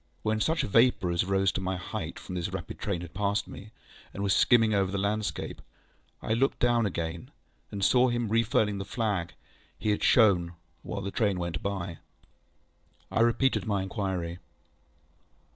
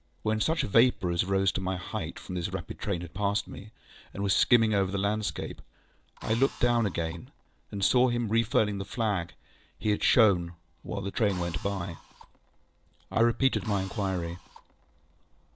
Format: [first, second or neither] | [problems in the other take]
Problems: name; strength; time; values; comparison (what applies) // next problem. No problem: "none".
first | background sound (Drill); 20 dB below the speech